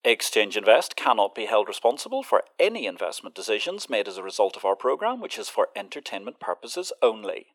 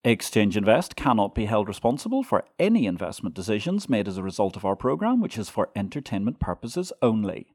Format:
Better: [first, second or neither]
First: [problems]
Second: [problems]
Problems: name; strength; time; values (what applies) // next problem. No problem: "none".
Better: second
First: thin; very; fading below 450 Hz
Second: none